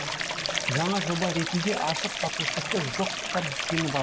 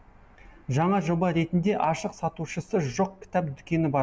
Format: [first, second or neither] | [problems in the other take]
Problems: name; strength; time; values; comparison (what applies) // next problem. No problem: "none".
second | background sound (Stream); as loud as the speech